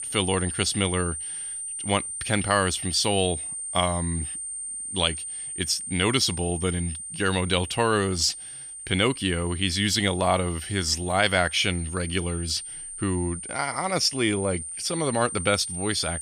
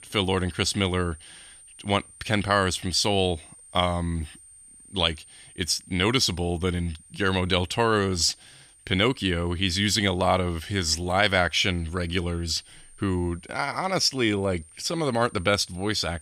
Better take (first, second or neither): second